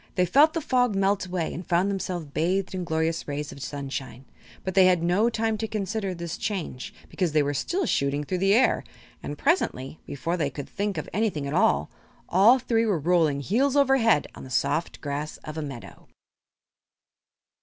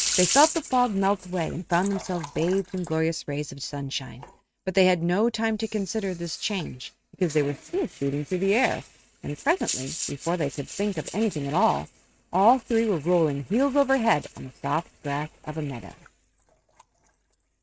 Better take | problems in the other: first | noise reduction (neural mask model RNNoise)

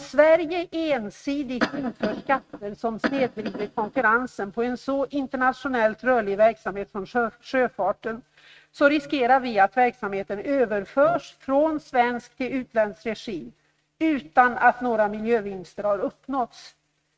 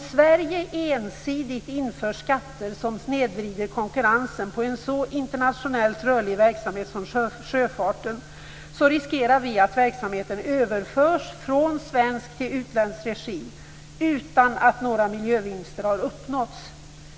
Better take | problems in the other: second | noise reduction (neural mask model RNNoise)

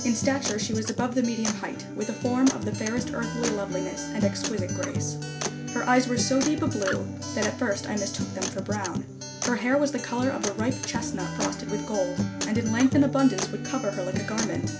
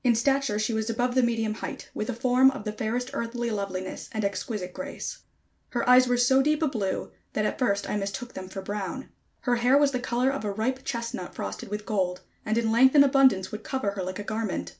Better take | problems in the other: second | background sound (Acoustic guitar); 4 dB below the speech

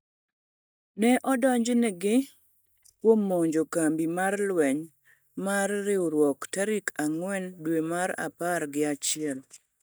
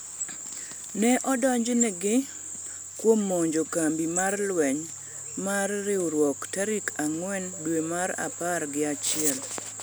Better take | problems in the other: second | noise reduction (neural mask model DeepFilterNet 3)

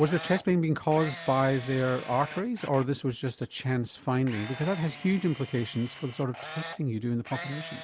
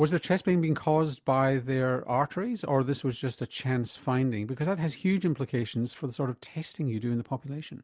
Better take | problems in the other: second | background sound (Camera); 15 dB below the speech

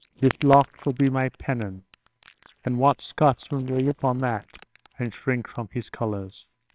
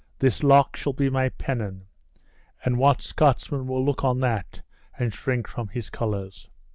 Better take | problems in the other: second | noise reduction (neural separator model SepFormer WHAMR!)

